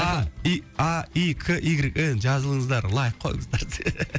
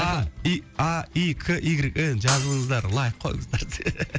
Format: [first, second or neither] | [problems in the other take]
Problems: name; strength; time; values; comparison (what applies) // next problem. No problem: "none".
first | background sound (Shatter); 9 dB below the speech